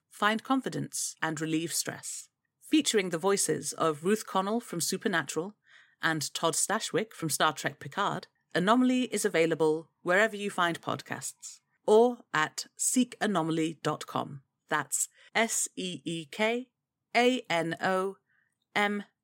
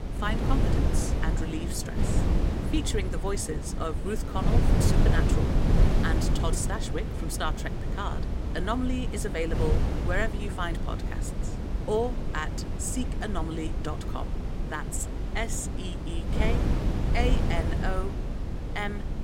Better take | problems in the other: first | wind noise on the microphone; heavy; 3 dB below the speech

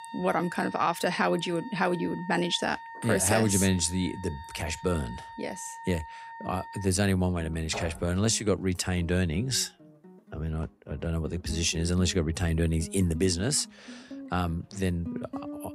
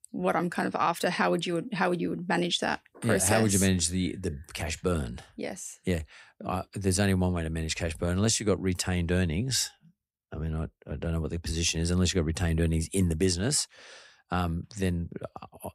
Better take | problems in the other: second | background music; noticeable; throughout; 15 dB below the speech

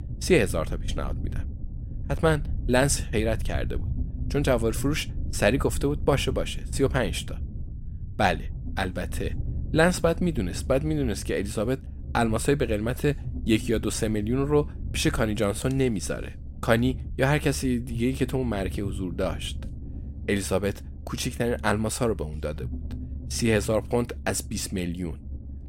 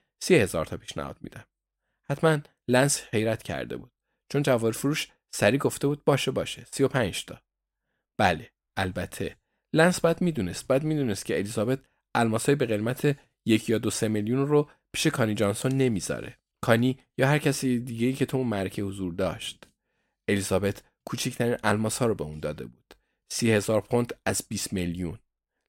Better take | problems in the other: second | low rumble; faint; throughout; 20 dB below the speech

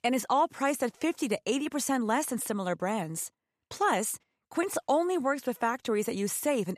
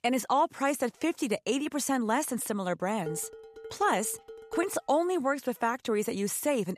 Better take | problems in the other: first | clattering dishes; faint; from 3 to 4.5 s; peak 10 dB below the speech

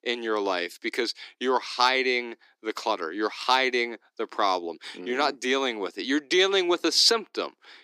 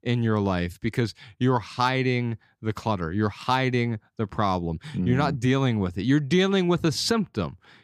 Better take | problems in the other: second | thin; somewhat; fading below 300 Hz

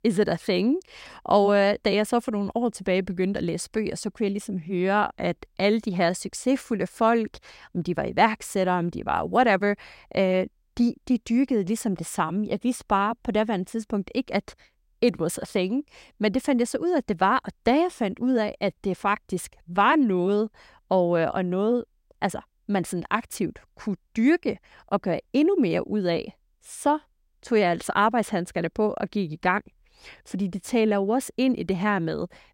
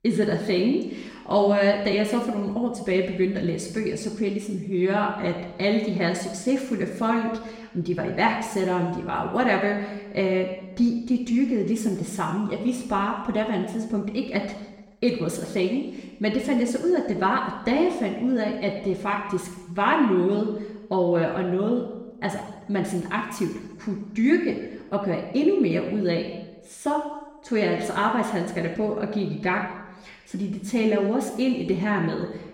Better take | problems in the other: first | room echo; noticeable; dies away in 0.9 s // off-mic speech; far

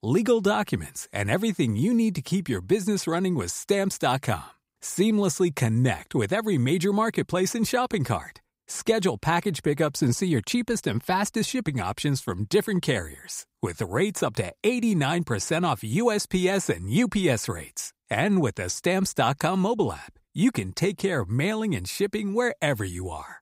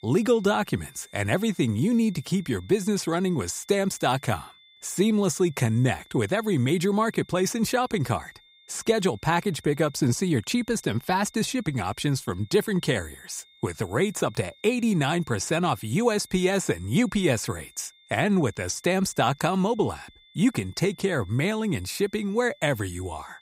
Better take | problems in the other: first | high-pitched whine; faint; throughout; 3.5 kHz, 30 dB below the speech

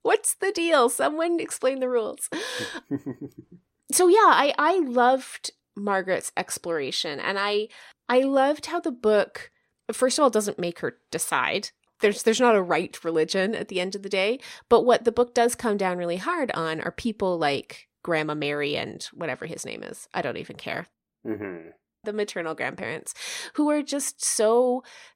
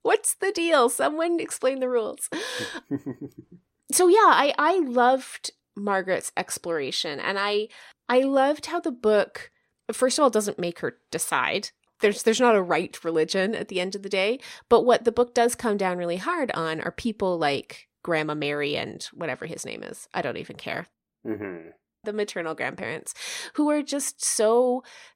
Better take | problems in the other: neither | none

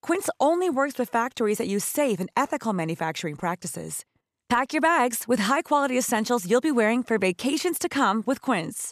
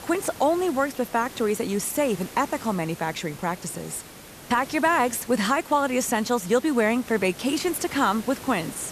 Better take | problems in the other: first | hiss; noticeable; throughout; 15 dB below the speech

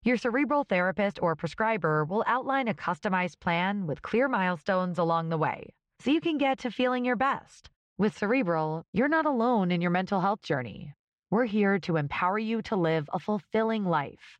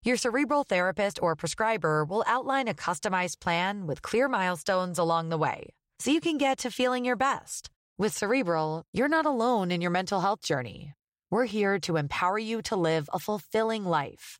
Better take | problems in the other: second | muffled; slightly; fading above 2.5 kHz

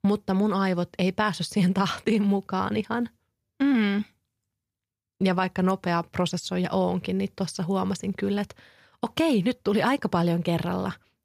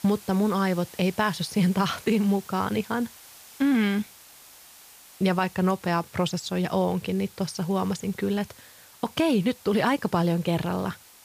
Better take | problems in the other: first | hiss; faint; throughout; 20 dB below the speech

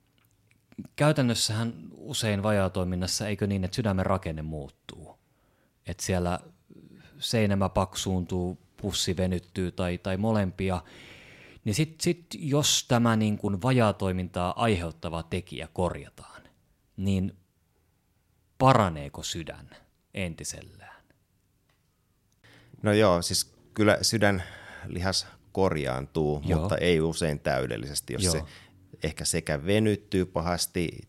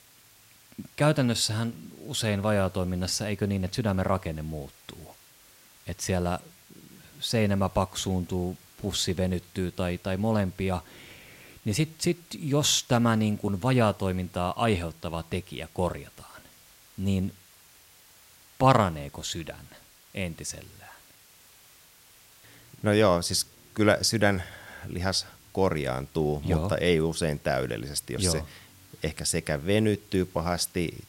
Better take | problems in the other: first | hiss; faint; throughout; 25 dB below the speech

